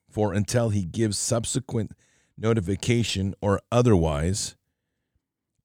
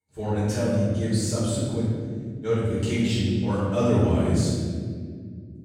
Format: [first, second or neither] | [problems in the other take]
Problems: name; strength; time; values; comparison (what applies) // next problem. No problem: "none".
first | off-mic speech; far // room echo; strong; dies away in 2.4 s